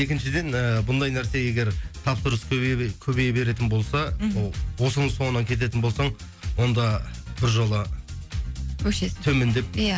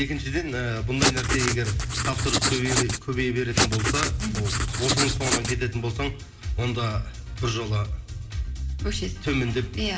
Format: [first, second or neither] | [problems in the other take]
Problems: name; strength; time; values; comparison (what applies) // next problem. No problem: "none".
first | background sound (Writing); 1 dB above the speech // room echo; dies away in 2.6 s